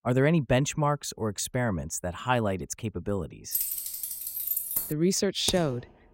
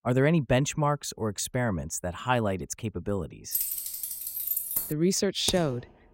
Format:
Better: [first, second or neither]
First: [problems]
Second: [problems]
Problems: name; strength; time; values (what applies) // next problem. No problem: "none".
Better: neither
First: jangling keys; loud; from 3.5 to 5 s; peak 1 dB above the speech // keyboard typing; noticeable; at 5.5 s; peak 7 dB below the speech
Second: jangling keys; loud; from 3.5 to 5 s; peak 1 dB above the speech // keyboard typing; noticeable; at 5.5 s; peak 7 dB below the speech